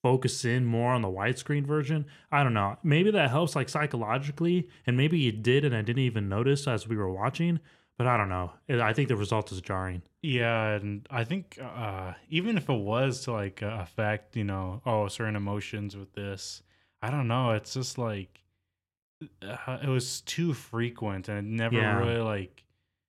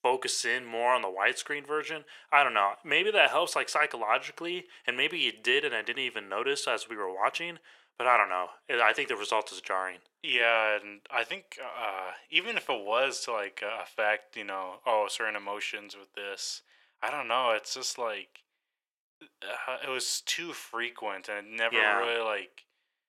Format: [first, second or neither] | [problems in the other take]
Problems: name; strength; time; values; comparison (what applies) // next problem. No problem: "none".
first | thin; very; fading below 550 Hz